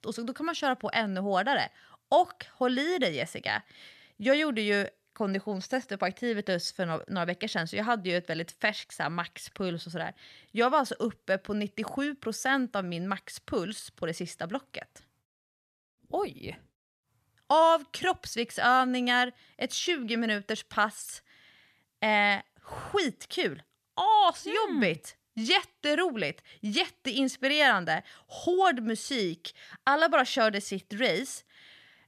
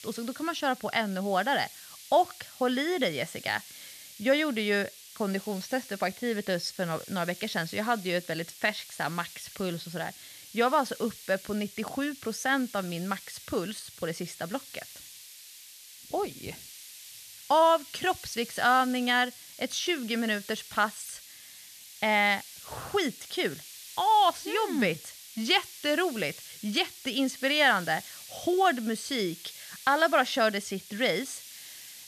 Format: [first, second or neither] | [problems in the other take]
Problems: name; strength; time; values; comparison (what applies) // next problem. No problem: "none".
first | hiss; noticeable; throughout; 15 dB below the speech